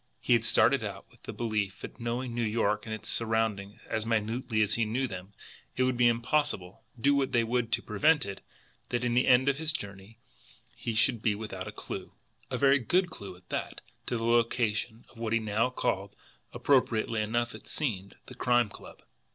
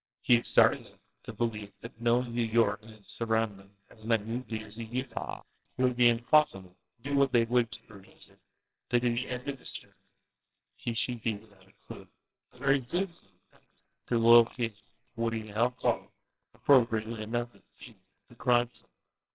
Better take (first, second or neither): first